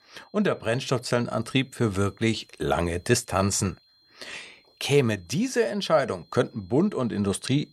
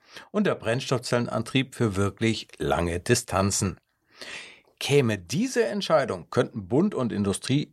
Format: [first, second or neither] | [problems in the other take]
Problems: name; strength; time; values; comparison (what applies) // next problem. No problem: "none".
second | high-pitched whine; faint; throughout; 4 kHz, 35 dB below the speech